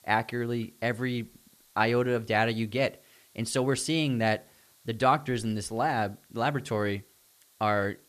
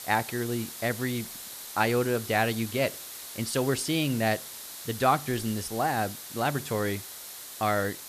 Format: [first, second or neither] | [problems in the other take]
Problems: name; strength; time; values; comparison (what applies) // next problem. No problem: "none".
first | hiss; loud; throughout; 10 dB below the speech; faint in the first